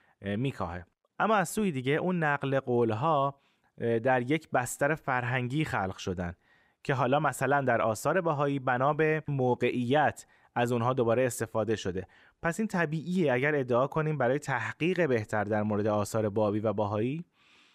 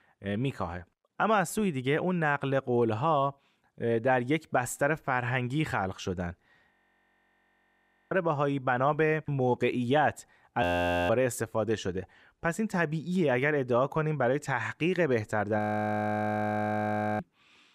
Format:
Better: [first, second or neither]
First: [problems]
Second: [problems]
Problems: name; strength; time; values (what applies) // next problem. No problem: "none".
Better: first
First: none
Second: audio freezing; at 6.5 s for 1.5 s, at 11 s and at 16 s for 1.5 s